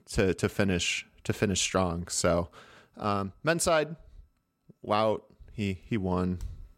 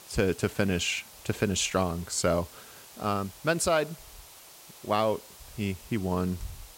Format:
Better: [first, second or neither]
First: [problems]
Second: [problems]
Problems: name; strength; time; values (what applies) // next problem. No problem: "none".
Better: first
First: none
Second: hiss; noticeable; throughout; 20 dB below the speech